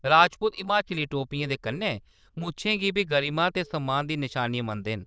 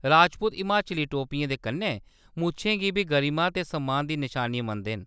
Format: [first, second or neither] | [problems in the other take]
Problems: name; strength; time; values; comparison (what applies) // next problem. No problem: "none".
second | noise reduction (neural diffusion model UNIVERSE++)